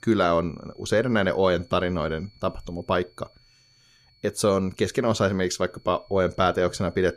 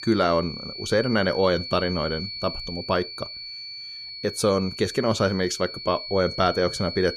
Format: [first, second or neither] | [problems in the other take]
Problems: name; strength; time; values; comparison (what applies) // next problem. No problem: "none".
first | high-pitched whine; loud; throughout; 4.5 kHz, 9 dB below the speech; faint in the first